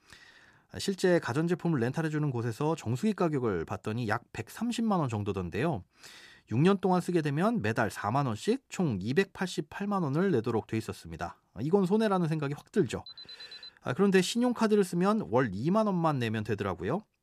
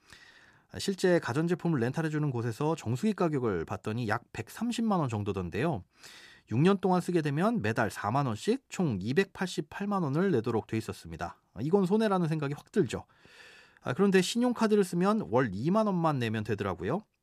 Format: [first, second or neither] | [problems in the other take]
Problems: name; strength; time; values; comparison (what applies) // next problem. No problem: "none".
second | alarm; faint; at 13 s; peak 15 dB below the speech